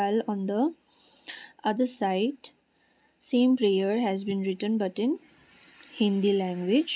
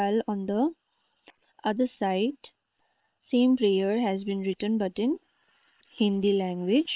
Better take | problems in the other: first | noise reduction (neural separator model SepFormer WHAM!)

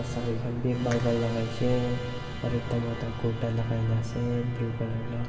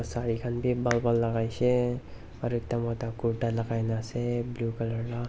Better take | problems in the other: second | background sound (Musical instrument); 10 dB below the speech // room echo; dies away in 2.2 s

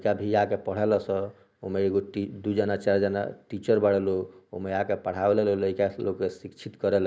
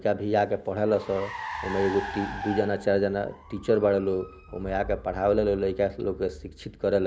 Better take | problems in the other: first | background sound (Car); 13 dB below the speech

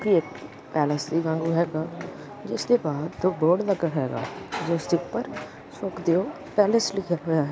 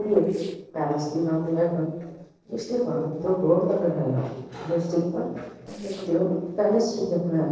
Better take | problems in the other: first | noise reduction (neural separator model SepFormer DNS4)

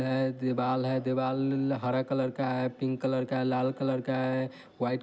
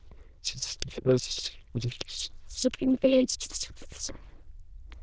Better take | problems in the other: first | noise reduction (neural diffusion model UNIVERSE++)

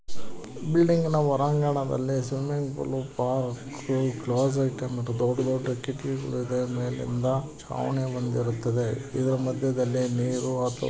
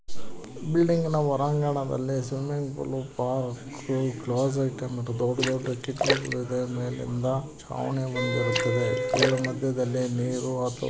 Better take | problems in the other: first | background sound (Wind instrument, woodwind instrument + Splash, splatter); 3 dB below the speech

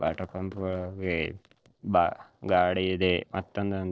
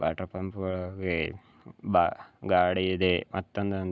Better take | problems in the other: second | noise reduction (neural separator model SepFormer DNS4)

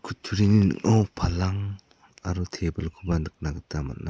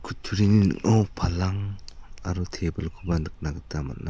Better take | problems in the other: first | background sound (Tick); 17 dB below the speech

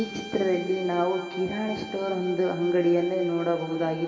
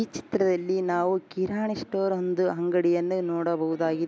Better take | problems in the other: second | background sound (Bowed string instrument); 15 dB below the speech // room echo; dies away in 2.4 s

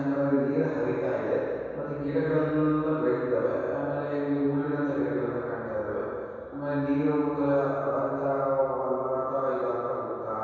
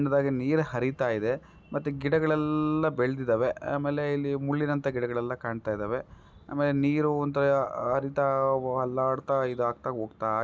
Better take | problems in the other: second | room echo; dies away in 2.2 s

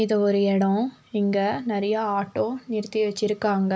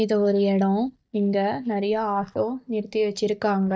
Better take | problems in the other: first | noise reduction (neural mask model DeepFilterNet 3)

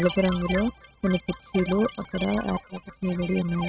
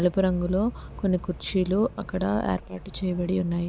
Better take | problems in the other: second | noise reduction (neural mask model RNNoise)

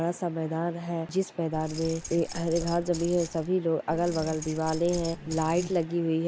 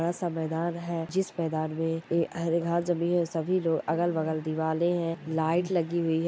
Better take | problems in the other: second | background sound (Keys jangling); 13 dB below the speech

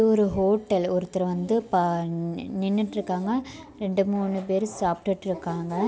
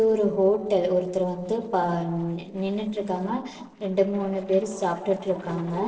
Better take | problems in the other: first | noise reduction (neural separator model SepFormer DNS4)

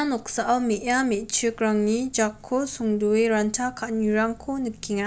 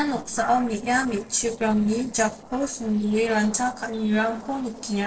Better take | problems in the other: first | noise reduction (neural separator model SepFormer DNS4)

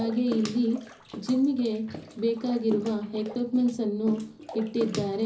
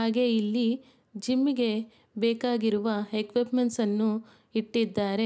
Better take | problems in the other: second | background sound (Bathtub (filling or washing) / Water / Splash, splatter); 14 dB below the speech // room echo; dies away in 0.5 s

